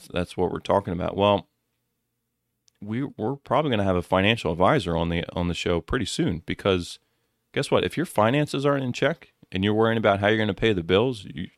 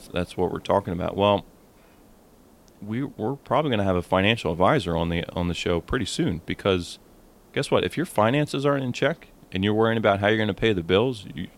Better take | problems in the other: first | hiss; faint; throughout; 30 dB below the speech

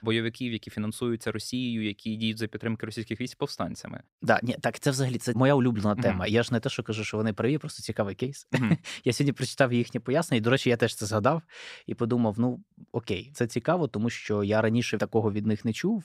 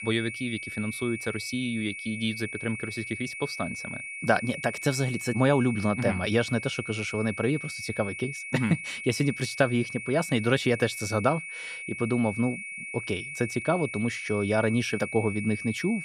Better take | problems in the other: first | high-pitched whine; loud; throughout; 2 kHz, 7 dB below the speech

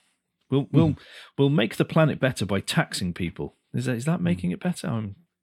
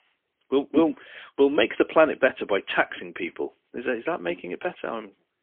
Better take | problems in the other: first | phone-call audio; poor line; nothing above 3.5 kHz

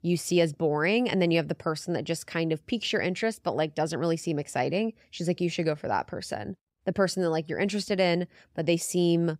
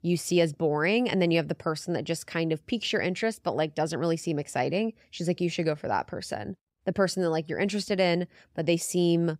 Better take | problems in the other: neither | none

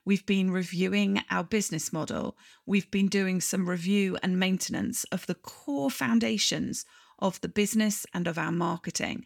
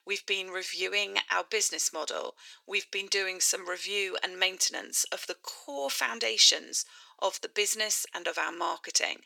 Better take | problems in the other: first | thin; very; fading below 400 Hz

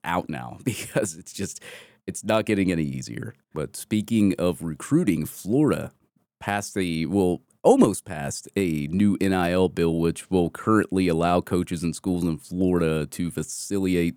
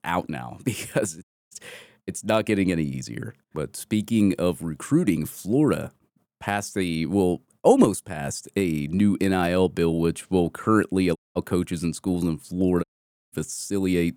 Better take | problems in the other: first | audio cutting out; at 1 s, at 11 s and at 13 s

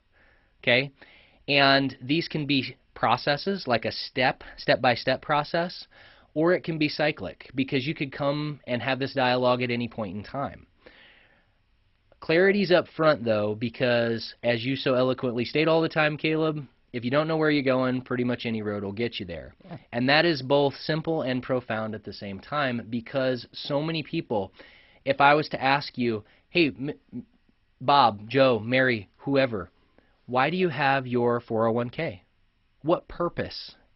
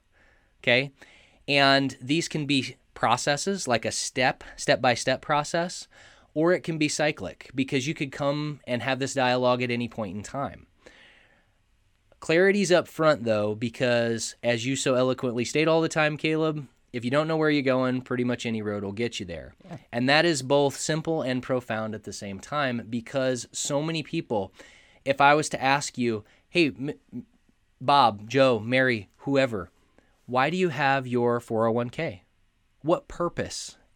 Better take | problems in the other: second | garbled, watery; badly; nothing above 5.5 kHz

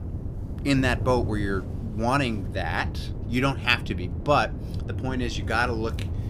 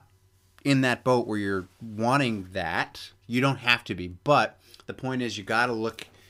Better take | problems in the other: second | wind noise on the microphone; occasional gusts; 15 dB below the speech

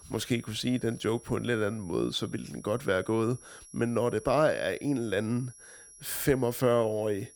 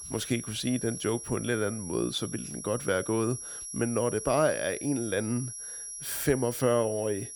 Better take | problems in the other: first | high-pitched whine; loud; throughout; 11 kHz, 8 dB below the speech; faint in the first

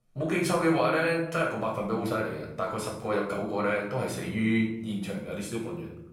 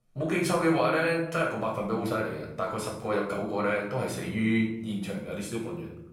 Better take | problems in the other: neither | off-mic speech; far; the same in both // room echo; noticeable; dies away in 0.8 s; the same in both

